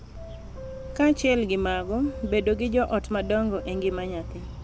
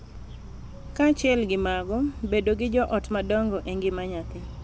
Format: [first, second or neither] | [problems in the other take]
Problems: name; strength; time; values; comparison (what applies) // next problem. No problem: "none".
second | background sound (Subway, metro, underground / Doorbell); 18 dB below the speech